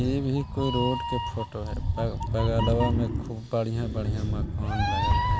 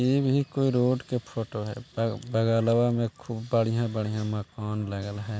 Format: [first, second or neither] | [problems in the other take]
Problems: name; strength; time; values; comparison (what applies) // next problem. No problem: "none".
second | background sound (Meow); 1 dB above the speech